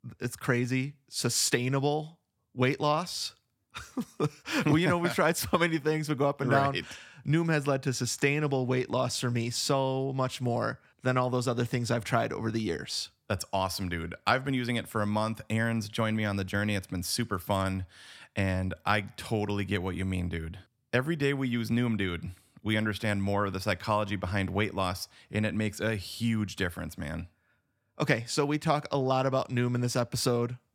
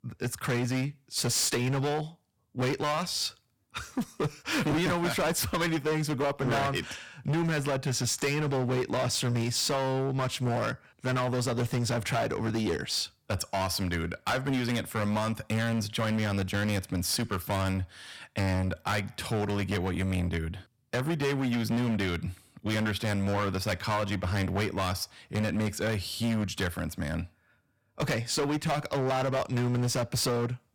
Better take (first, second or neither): first